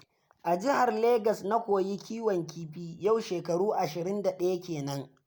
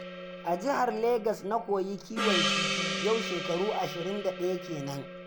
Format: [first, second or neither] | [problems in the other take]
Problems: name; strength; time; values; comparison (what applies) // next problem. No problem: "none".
first | background sound (Gong); 3 dB below the speech